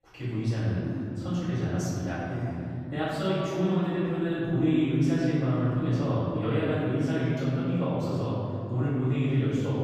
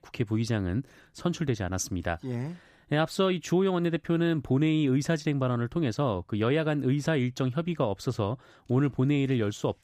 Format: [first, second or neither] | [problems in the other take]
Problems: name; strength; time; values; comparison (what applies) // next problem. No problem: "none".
second | room echo; strong; dies away in 2.7 s // off-mic speech; far